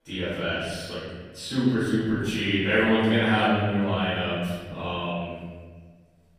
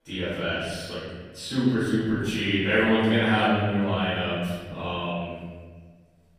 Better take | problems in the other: neither | room echo; strong; dies away in 1.6 s; the same in both // off-mic speech; far; the same in both

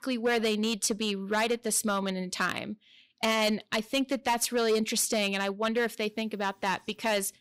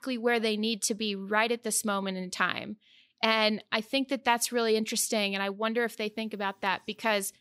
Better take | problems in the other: second | distortion; slight; 5% of the sound clipped

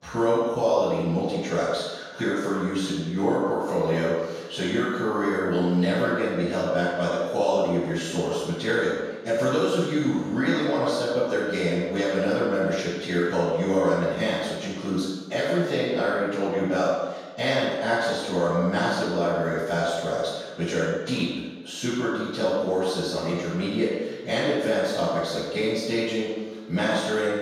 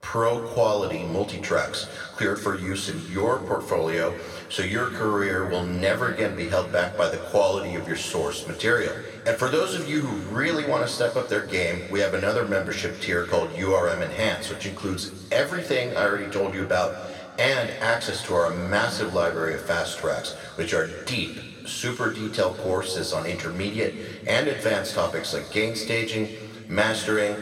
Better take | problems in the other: second | room echo; strong; dies away in 1.2 s; slight in the second // off-mic speech; far; somewhat distant in the second

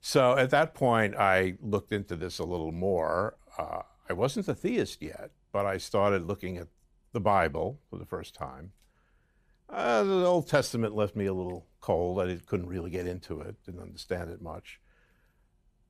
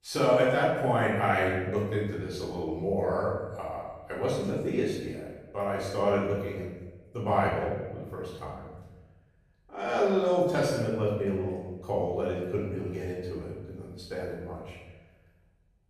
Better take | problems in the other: first | room echo; noticeable; dies away in 1.1 s // off-mic speech; far

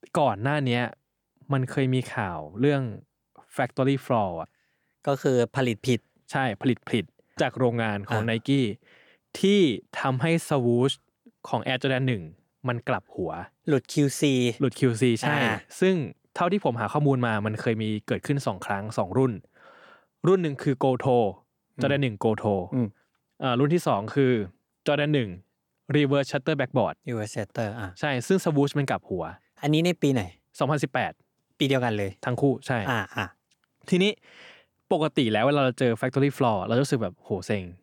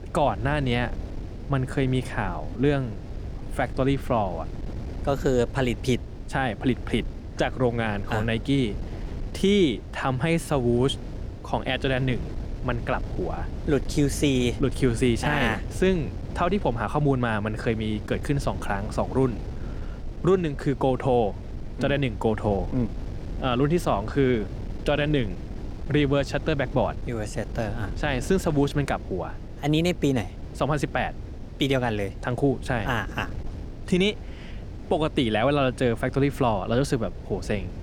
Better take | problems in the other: first | wind noise on the microphone; occasional gusts; 20 dB below the speech

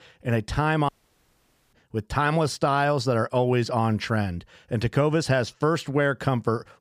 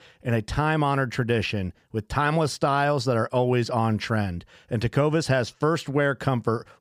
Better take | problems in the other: second | audio cutting out; at 1 s for 1 s

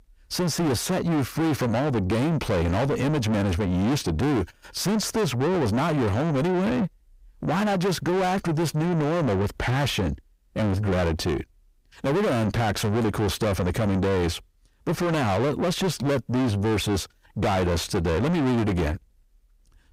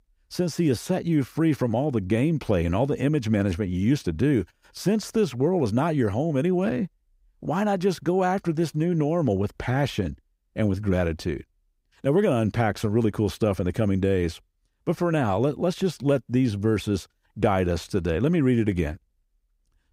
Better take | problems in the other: second | distortion; heavy; 6 dB below the speech

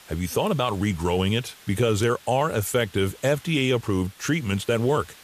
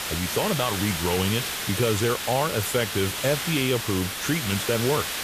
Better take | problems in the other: first | hiss; loud; throughout; 2 dB below the speech; faint in the first

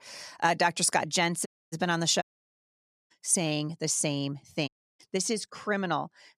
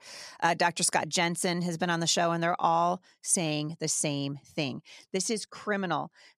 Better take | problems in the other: second | audio cutting out; at 1.5 s, at 2 s for 1 s and at 4.5 s

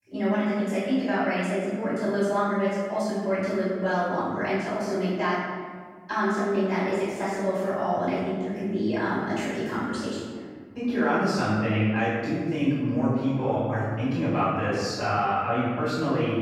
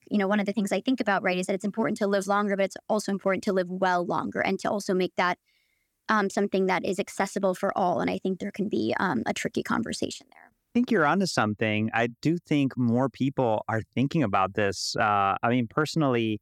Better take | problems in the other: second | room echo; strong; dies away in 1.7 s // off-mic speech; far

